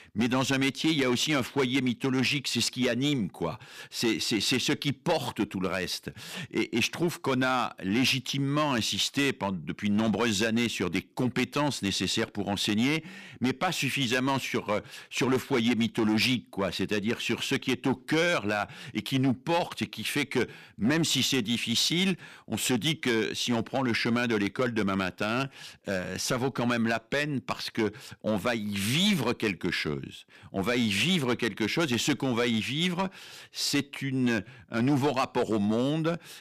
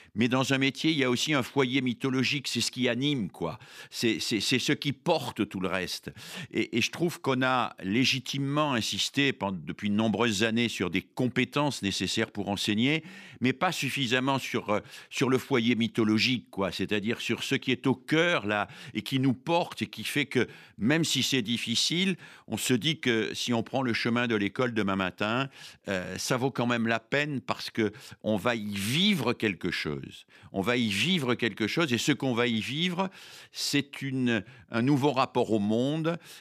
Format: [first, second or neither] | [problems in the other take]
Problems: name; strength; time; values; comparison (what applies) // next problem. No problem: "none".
second | distortion; slight; 6% of the sound clipped